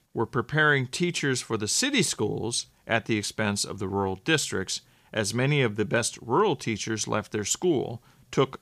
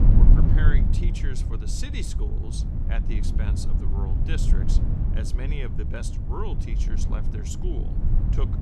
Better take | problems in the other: first | low rumble; loud; throughout; 1 dB below the speech

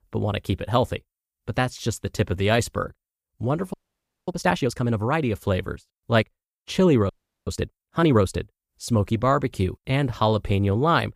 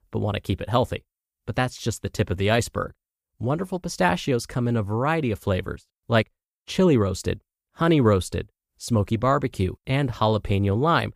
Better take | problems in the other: second | audio freezing; at 3.5 s for 0.5 s and at 7 s

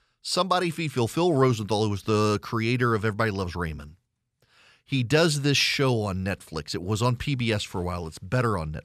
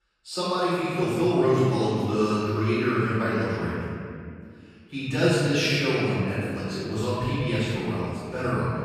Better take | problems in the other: first | off-mic speech; far // room echo; strong; dies away in 2.2 s

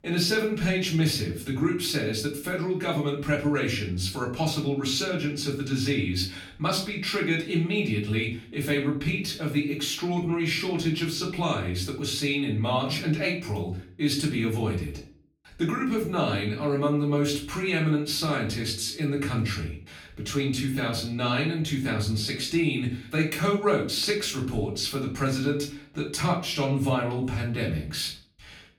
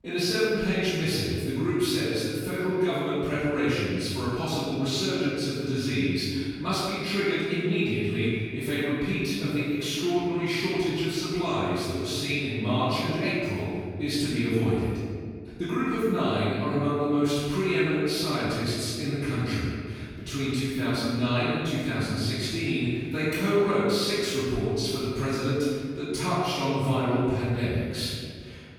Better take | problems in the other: first | room echo; strong; dies away in 1.9 s; slight in the first // off-mic speech; far; far in the first

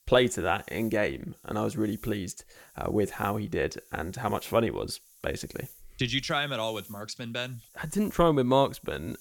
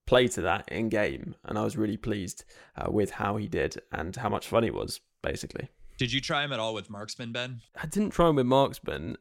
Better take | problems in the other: second | hiss; faint; throughout; 25 dB below the speech

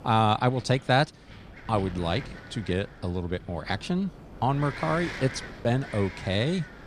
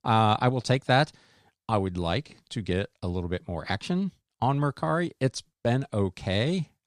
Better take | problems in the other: second | wind noise on the microphone; occasional gusts; 10 dB below the speech

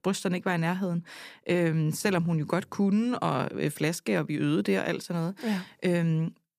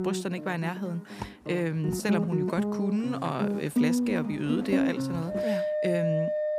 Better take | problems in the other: first | background music; very loud; throughout; 1 dB above the speech

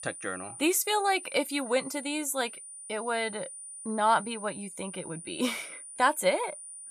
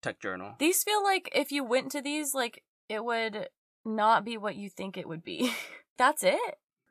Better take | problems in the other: second | high-pitched whine; noticeable; throughout; 9.5 kHz, 10 dB below the speech

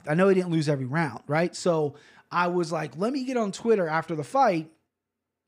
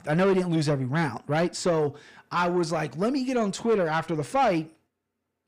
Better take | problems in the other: first | distortion; slight; 10 dB below the speech

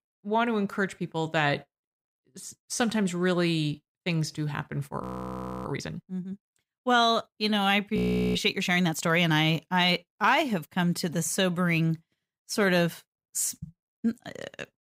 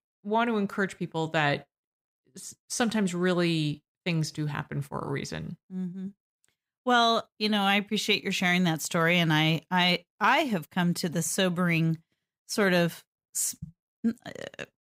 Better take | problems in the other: second | audio freezing; at 5 s for 0.5 s and at 8 s

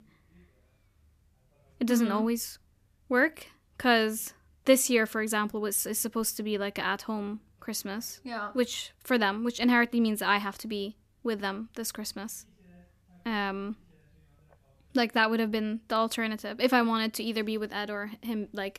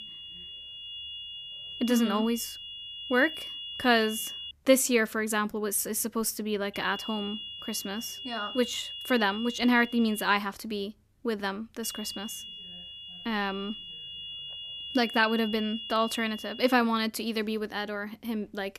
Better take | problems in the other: first | high-pitched whine; loud; until 4.5 s, from 6.5 to 10 s and from 12 to 17 s; 3 kHz, 10 dB below the speech

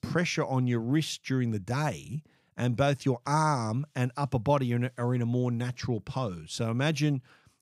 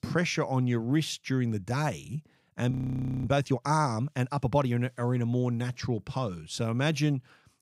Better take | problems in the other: first | audio freezing; at 2.5 s for 0.5 s

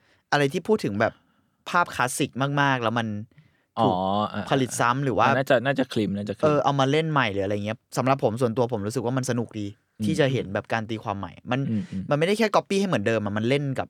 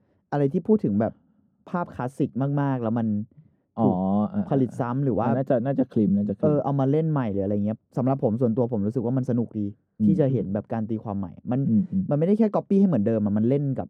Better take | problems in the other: first | muffled; very; fading above 1 kHz

